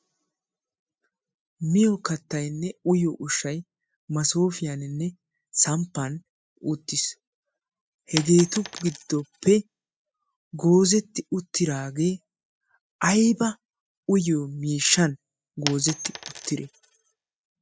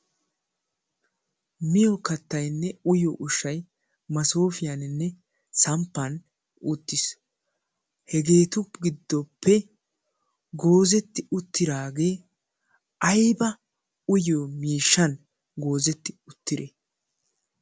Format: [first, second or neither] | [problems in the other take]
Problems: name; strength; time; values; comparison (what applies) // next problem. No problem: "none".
second | noise reduction (classical method spectral subtraction)